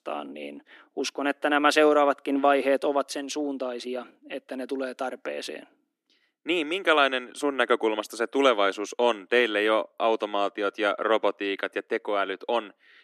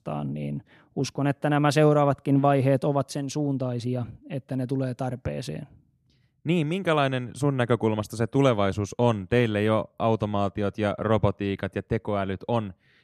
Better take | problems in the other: second | thin; somewhat; fading below 300 Hz

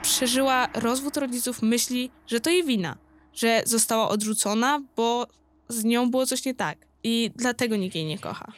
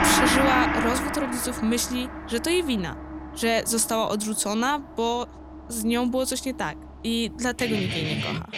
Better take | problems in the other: first | background music; loud; throughout; 2 dB below the speech; faint in the first

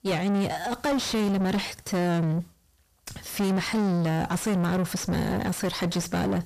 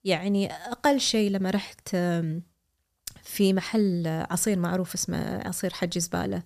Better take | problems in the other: second | distortion; heavy; 6 dB below the speech

